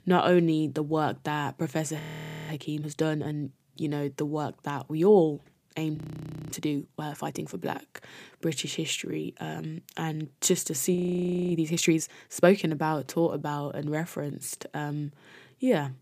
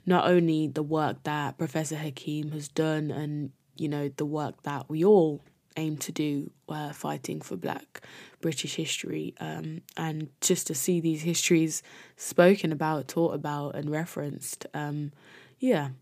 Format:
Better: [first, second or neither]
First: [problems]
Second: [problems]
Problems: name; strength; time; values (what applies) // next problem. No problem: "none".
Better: second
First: audio freezing; at 2 s for 0.5 s, at 6 s for 0.5 s and at 11 s for 0.5 s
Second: none